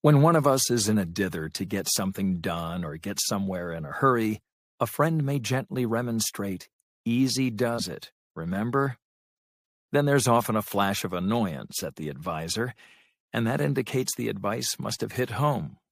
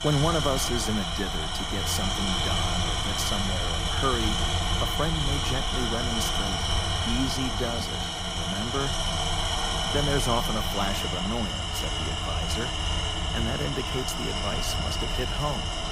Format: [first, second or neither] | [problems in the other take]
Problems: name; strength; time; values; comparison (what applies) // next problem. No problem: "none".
first | machinery noise; very loud; throughout; 4 dB above the speech